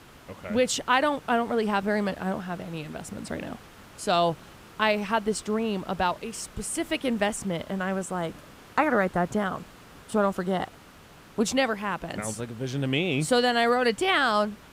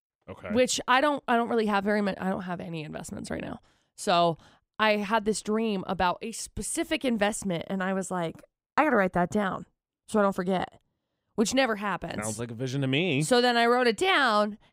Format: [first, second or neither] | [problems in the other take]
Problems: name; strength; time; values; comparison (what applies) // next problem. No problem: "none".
second | hiss; faint; throughout; 20 dB below the speech